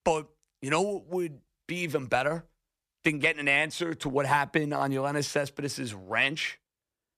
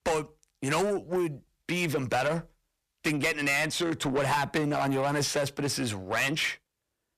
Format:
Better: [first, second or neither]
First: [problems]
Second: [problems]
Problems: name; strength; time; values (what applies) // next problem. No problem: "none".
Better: first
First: none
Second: distortion; heavy; 6 dB below the speech